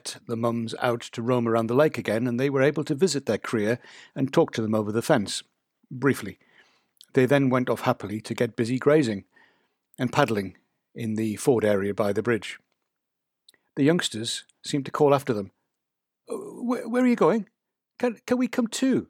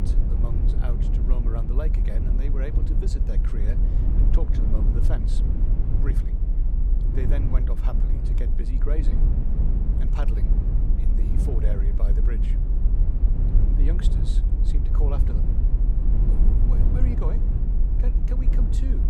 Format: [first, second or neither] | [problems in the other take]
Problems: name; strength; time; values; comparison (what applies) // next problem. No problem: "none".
first | low rumble; loud; throughout; as loud as the speech